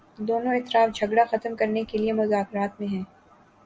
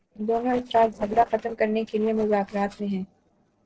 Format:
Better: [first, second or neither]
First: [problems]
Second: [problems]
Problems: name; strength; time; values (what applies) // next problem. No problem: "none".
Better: first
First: none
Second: noise reduction (neural separator model SepFormer DNS4)